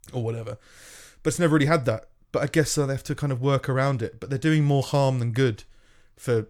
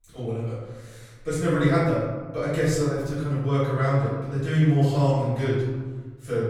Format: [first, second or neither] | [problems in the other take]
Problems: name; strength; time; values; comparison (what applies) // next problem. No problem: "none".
first | off-mic speech; far // room echo; strong; dies away in 1.3 s